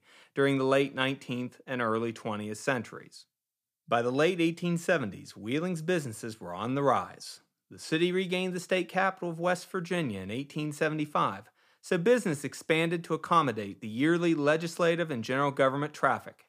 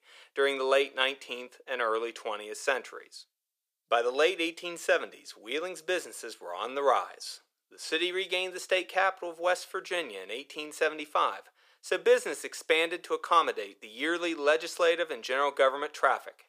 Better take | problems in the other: first | thin; very; fading below 450 Hz

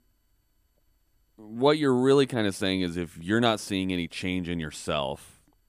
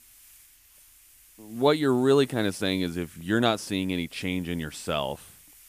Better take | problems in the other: first | hiss; faint; throughout; 25 dB below the speech

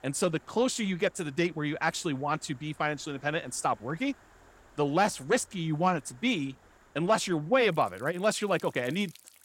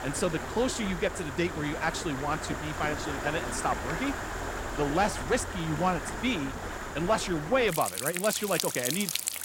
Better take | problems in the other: first | rain or running water; loud; throughout; 4 dB below the speech; faint in the first

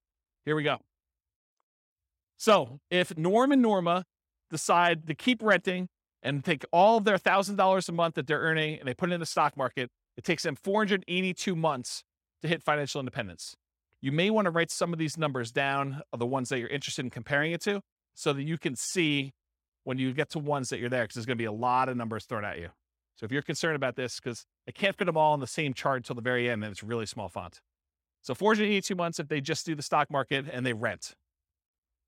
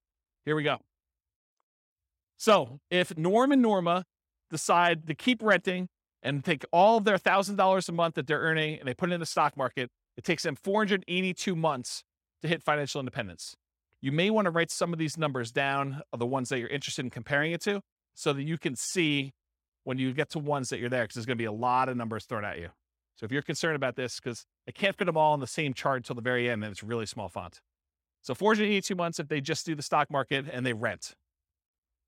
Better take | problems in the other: neither | none

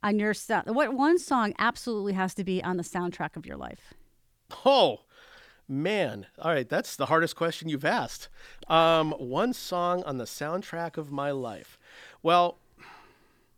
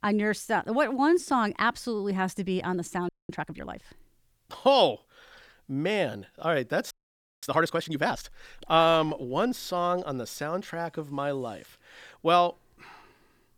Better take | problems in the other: first | audio freezing; at 3 s and at 7 s for 0.5 s

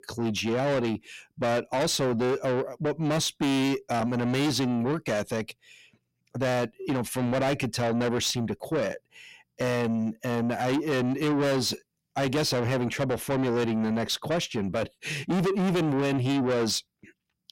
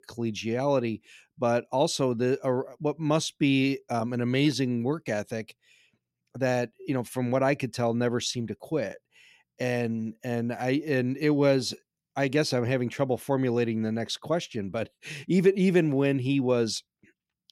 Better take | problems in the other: second | distortion; heavy; 6 dB below the speech

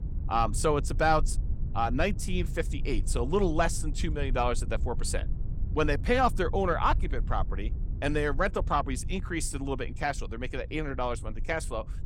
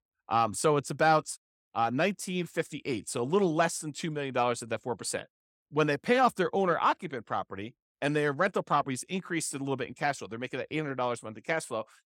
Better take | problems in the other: second | low rumble; faint; throughout; 20 dB below the speech

